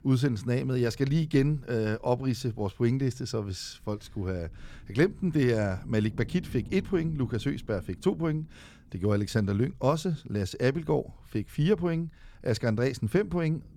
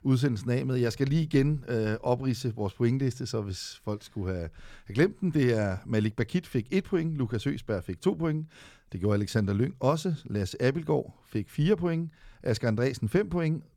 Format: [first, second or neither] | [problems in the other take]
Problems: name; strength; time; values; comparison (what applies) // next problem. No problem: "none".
second | low rumble; faint; throughout; 25 dB below the speech